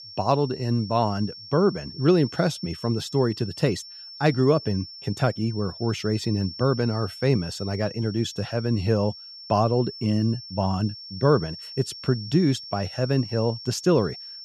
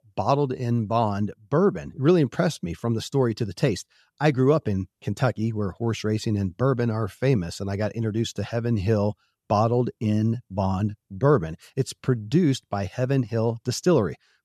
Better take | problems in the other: second | high-pitched whine; noticeable; throughout; 5.5 kHz, 15 dB below the speech

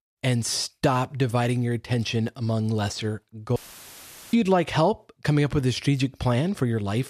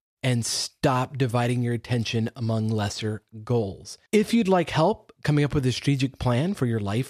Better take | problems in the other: second | audio cutting out; filled with static; at 3.5 s for 1 s

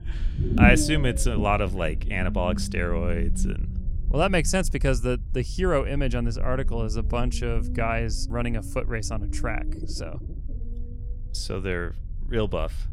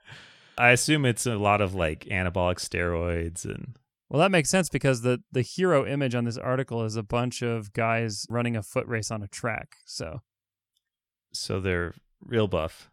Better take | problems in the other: second | low rumble; noticeable; throughout; 10 dB below the speech

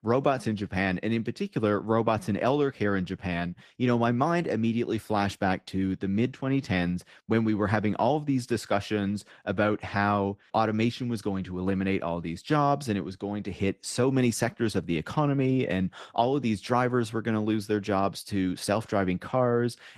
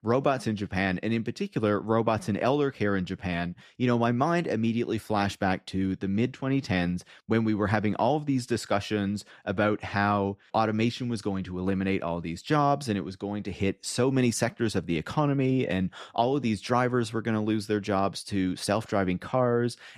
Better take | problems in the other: second | garbled, watery; slightly; nothing above 14.5 kHz

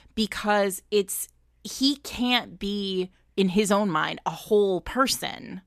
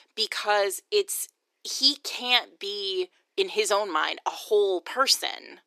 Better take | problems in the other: first | thin; very; fading below 350 Hz

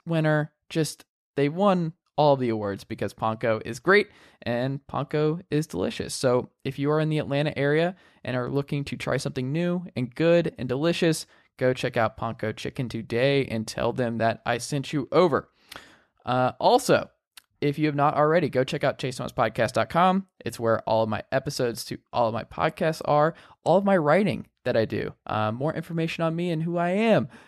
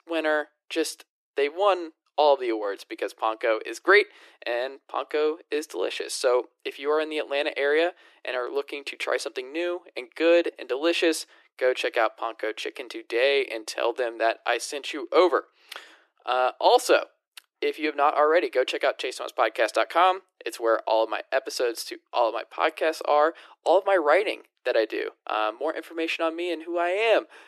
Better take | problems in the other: first | thin; very; fading below 350 Hz

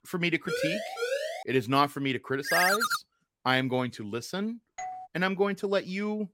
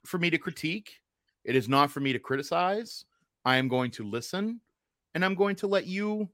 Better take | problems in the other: second | siren; noticeable; at 0.5 s; peak 2 dB below the speech // phone ringing; loud; at 2.5 s; peak 5 dB above the speech // doorbell; noticeable; at 5 s; peak 10 dB below the speech

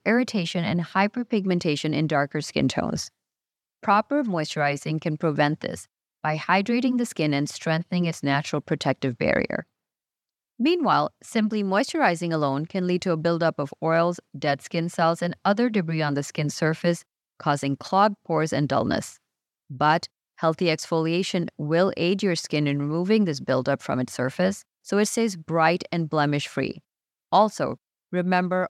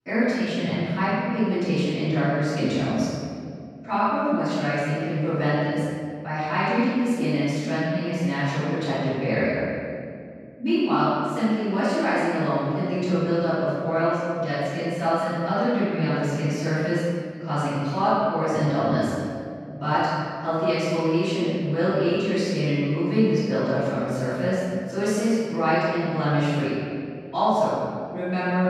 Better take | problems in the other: first | off-mic speech; far // room echo; strong; dies away in 2.1 s

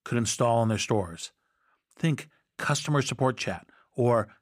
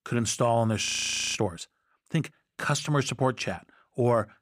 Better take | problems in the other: first | audio freezing; at 1 s for 0.5 s

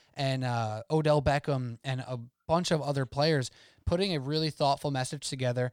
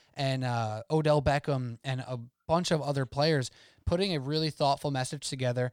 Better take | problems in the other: neither | none

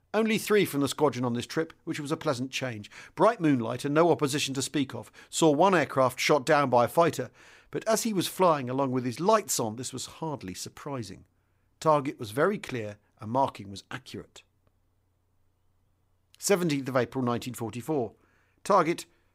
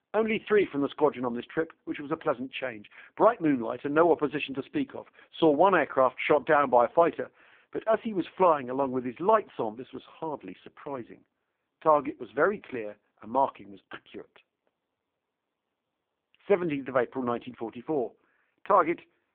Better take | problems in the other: first | phone-call audio; poor line

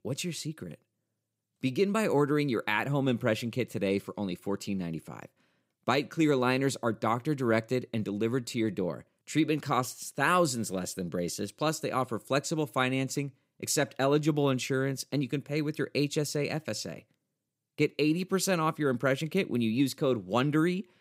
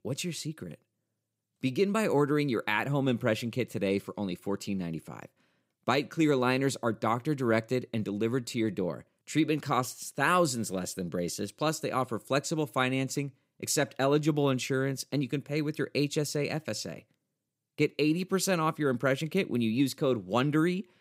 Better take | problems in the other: neither | none

